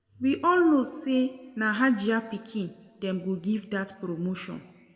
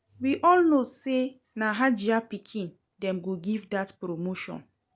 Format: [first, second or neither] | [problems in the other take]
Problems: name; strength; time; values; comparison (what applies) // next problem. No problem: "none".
second | room echo; dies away in 1 s